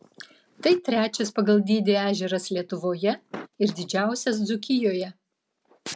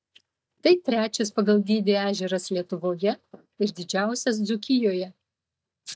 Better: first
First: none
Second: noise reduction (neural mask model DeepFilterNet 3)

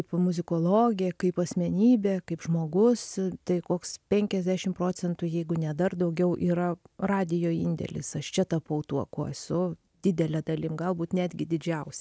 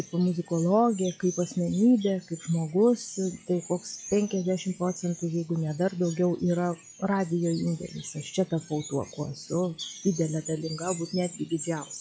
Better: first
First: none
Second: noise reduction (classical method log-MMSE)

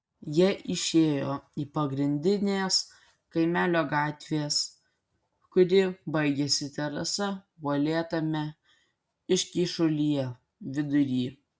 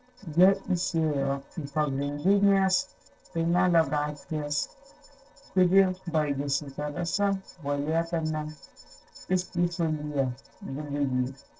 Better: first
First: none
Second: noise reduction (neural separator model SepFormer DNS4)

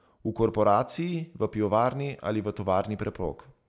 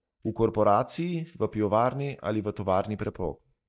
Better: first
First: none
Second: noise reduction (neural mask model DeepFilterNet 3)

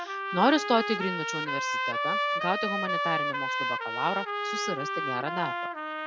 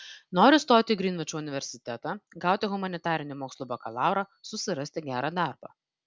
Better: second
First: background sound (Trumpet); as loud as the speech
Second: none

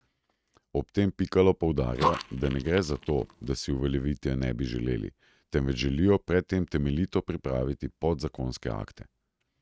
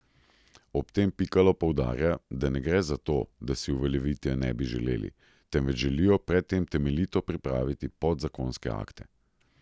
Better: second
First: noise reduction (neural mask model RNNoise)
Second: none

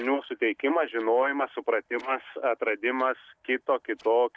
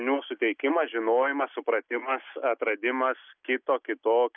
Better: second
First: noise reduction (neural separator model SepFormer DNS4)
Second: none

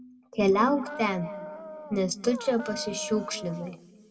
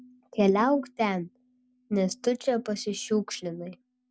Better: second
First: background sound (Dog); 12 dB below the speech // room echo; dies away in 1.4 s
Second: none

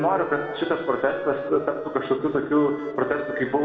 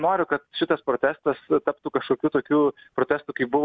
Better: second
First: background sound (Wind instrument, woodwind instrument); 12 dB below the speech // room echo; dies away in 1.9 s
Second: none

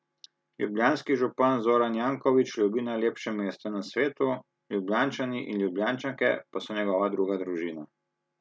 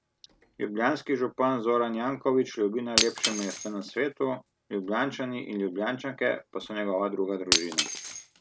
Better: first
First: none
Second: background sound (Shatter); 6 dB below the speech

